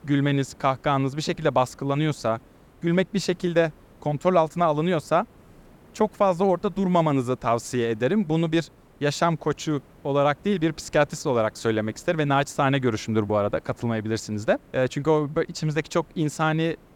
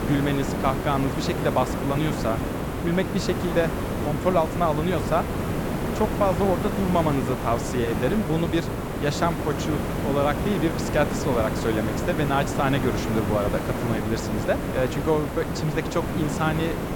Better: first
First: hiss; faint; throughout; 30 dB below the speech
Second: hiss; loud; throughout; 2 dB below the speech

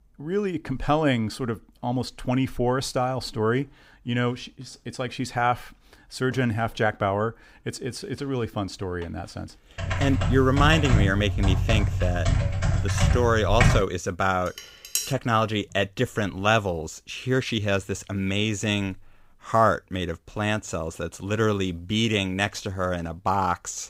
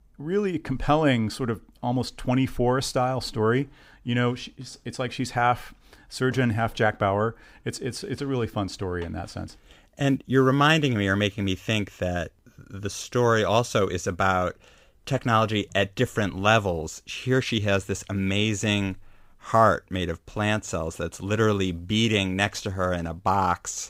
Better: second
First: keyboard typing; loud; from 10 to 14 s; peak 4 dB above the speech // clattering dishes; noticeable; at 15 s; peak 2 dB below the speech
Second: none

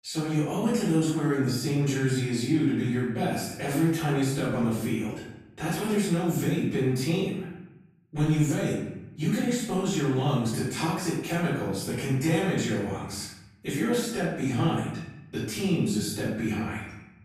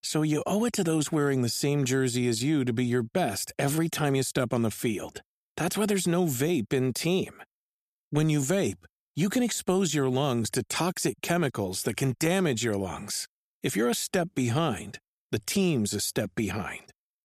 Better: second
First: off-mic speech; far // room echo; noticeable; dies away in 0.9 s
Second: none

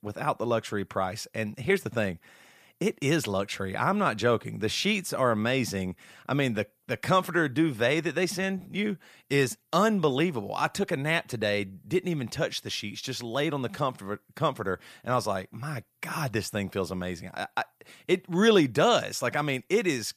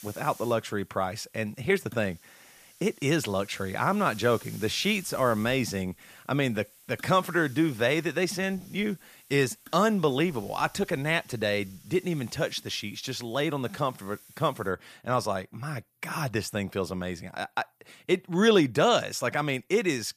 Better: first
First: none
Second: hiss; faint; until 15 s; 20 dB below the speech

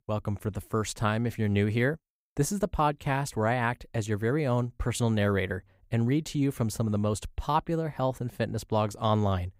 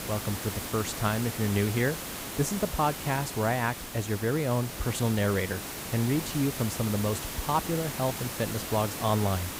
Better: first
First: none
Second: hiss; loud; throughout; 6 dB below the speech

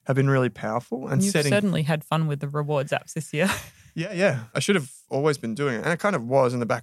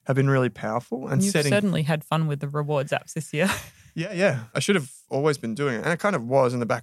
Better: neither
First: none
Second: none

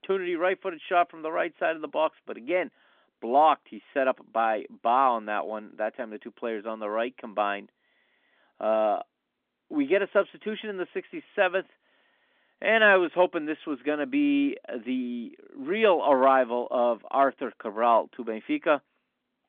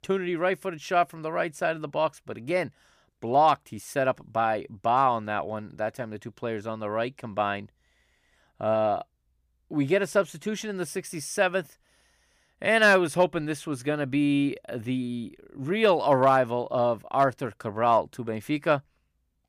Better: second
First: phone-call audio; nothing above 3.5 kHz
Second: none

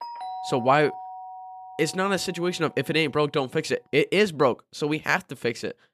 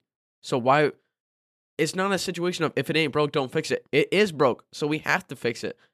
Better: second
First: doorbell; noticeable; until 2.5 s; peak 10 dB below the speech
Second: none

